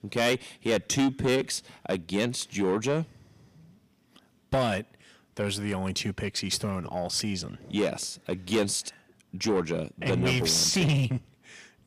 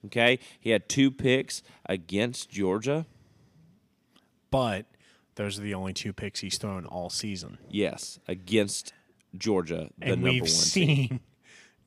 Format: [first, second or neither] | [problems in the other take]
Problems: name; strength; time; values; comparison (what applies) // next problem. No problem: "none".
second | distortion; heavy; 8 dB below the speech